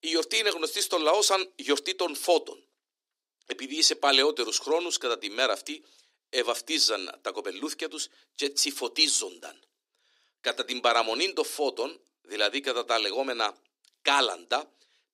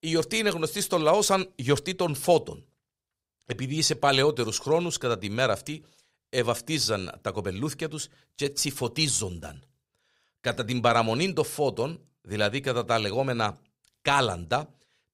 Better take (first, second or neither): second